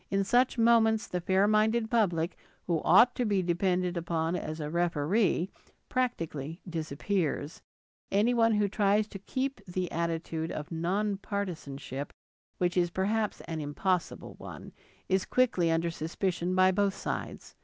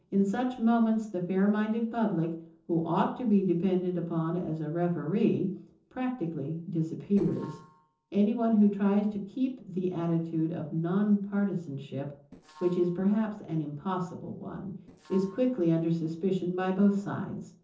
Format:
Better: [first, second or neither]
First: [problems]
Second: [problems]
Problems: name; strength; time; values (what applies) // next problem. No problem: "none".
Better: first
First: none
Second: noise reduction (neural separator model SepFormer DNS4)